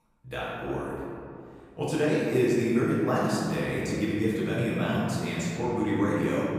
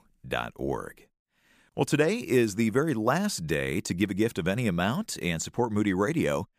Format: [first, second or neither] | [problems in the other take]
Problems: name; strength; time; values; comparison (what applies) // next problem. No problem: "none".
second | off-mic speech; far // room echo; strong; dies away in 2.4 s